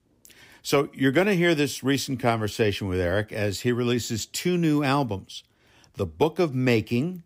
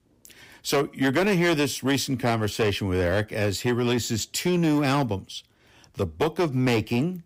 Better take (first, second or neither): first